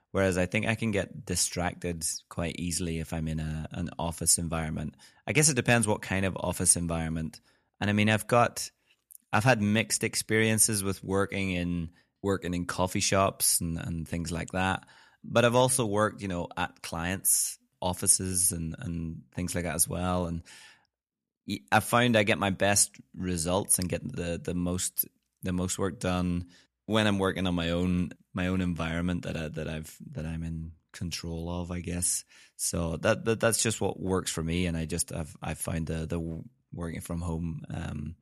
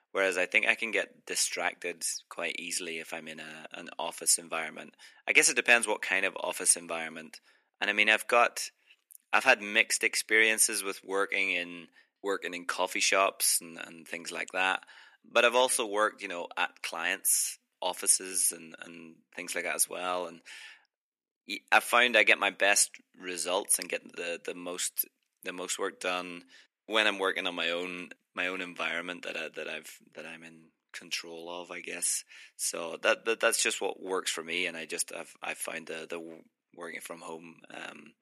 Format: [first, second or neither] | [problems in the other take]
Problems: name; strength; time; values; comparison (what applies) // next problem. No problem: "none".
first | thin; very; fading below 300 Hz